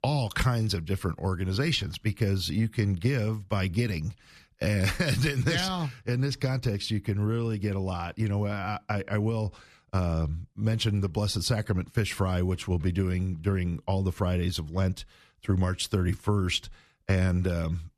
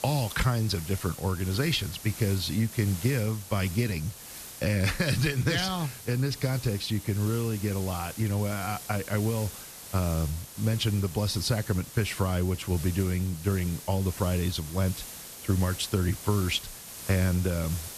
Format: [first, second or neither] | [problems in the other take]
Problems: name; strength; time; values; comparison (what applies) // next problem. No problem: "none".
first | hiss; noticeable; throughout; 10 dB below the speech